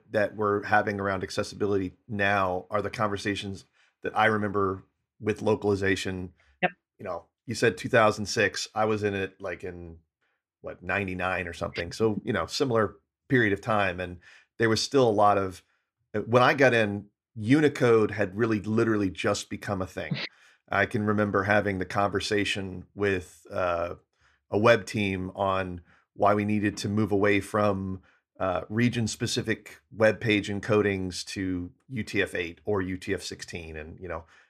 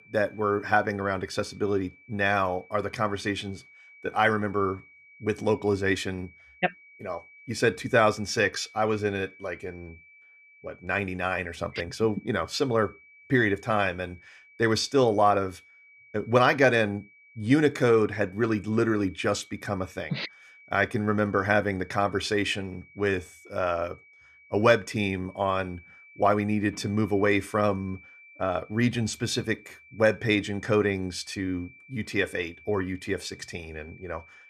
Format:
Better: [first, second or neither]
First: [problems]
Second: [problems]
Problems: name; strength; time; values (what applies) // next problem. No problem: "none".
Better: first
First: none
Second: high-pitched whine; faint; throughout; 2.5 kHz, 25 dB below the speech